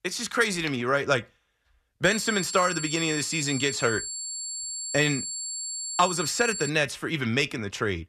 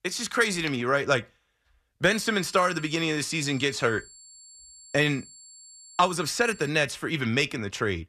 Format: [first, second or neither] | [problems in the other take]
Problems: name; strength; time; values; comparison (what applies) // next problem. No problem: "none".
second | high-pitched whine; loud; from 2 to 6.5 s; 7.5 kHz, 5 dB below the speech; faint in the second